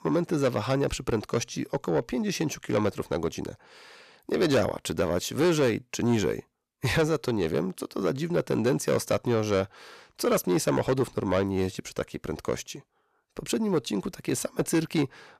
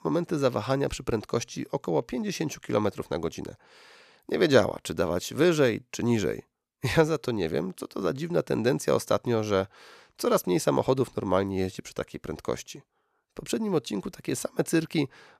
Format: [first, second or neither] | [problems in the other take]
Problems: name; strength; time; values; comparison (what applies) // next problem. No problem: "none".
second | distortion; slight; 10 dB below the speech